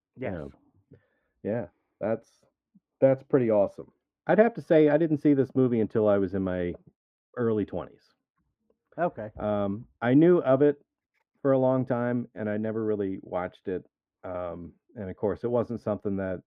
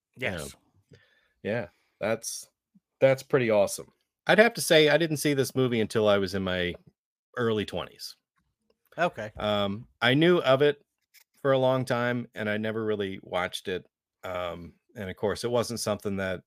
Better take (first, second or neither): second